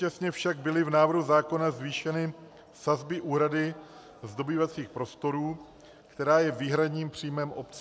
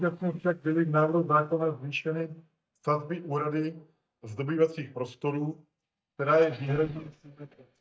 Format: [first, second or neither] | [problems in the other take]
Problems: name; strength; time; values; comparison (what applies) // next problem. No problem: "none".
first | noise reduction (neural mask model DeepFilterNet 3)